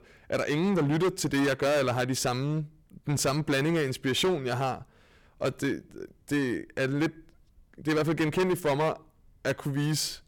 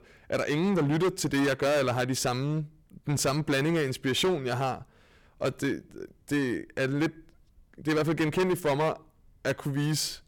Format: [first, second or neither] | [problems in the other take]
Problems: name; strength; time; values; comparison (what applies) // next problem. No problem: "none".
neither | distortion; heavy; 12% of the sound clipped; the same in both